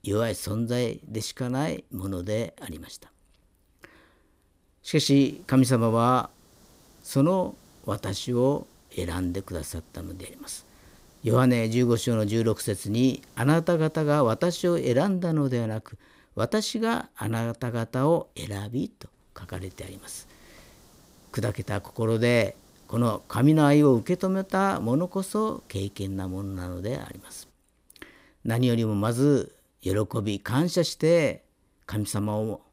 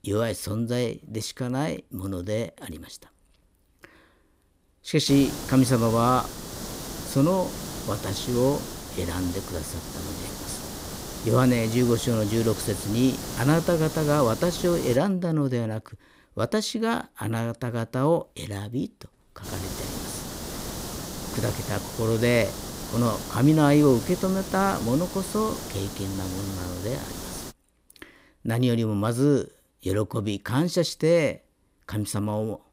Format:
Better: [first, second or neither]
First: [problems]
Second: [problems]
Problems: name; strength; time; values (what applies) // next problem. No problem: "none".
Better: first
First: hiss; faint; from 5 to 15 s and from 19 to 28 s; 30 dB below the speech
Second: hiss; loud; from 5 to 15 s and from 19 to 28 s; 10 dB below the speech